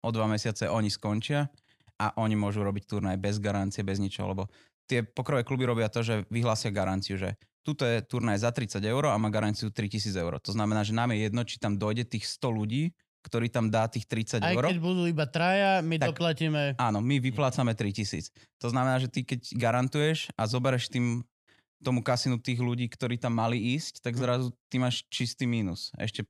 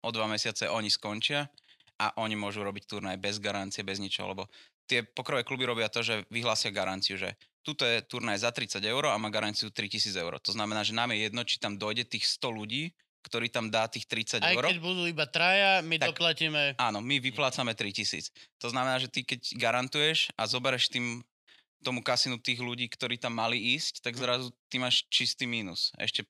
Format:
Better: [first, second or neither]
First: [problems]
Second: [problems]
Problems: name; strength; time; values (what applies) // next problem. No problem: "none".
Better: first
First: none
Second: thin; somewhat; fading below 1 kHz